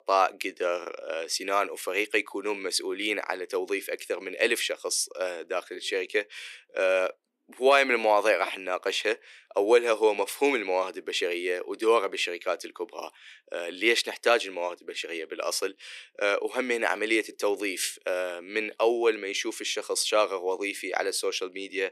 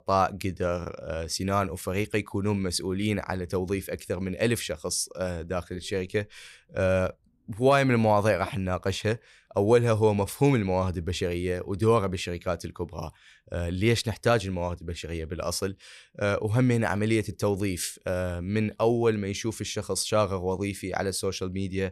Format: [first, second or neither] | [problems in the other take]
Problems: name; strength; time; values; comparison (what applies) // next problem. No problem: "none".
second | thin; very; fading below 300 Hz